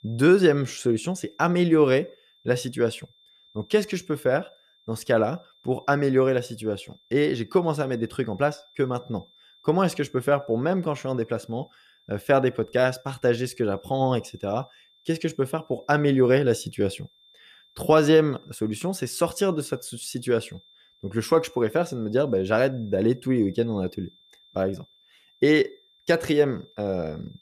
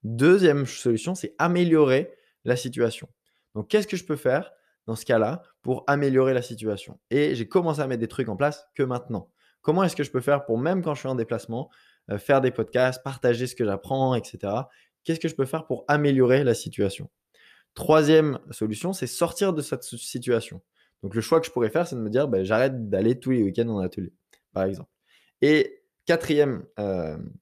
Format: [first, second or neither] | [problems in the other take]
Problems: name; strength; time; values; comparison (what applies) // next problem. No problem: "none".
second | high-pitched whine; faint; throughout; 3.5 kHz, 30 dB below the speech